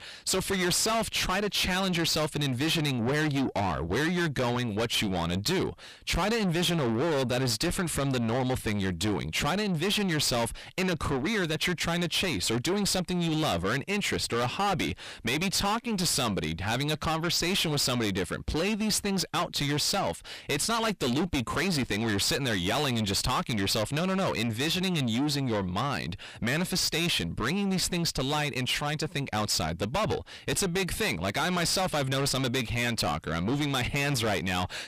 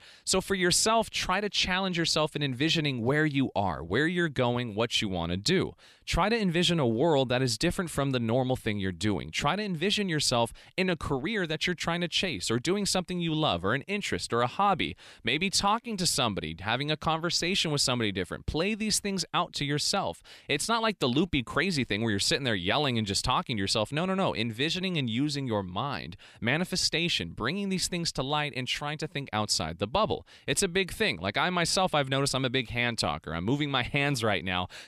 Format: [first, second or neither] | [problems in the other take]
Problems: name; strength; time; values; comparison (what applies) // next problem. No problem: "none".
second | distortion; heavy; 6 dB below the speech